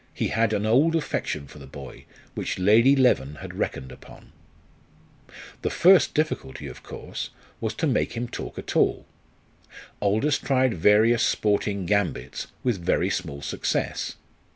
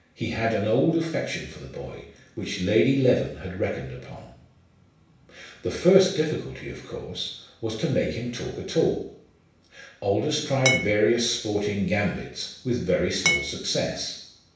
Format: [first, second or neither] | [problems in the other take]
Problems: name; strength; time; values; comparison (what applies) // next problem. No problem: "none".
first | background sound (Glass); 1 dB above the speech // room echo; dies away in 0.7 s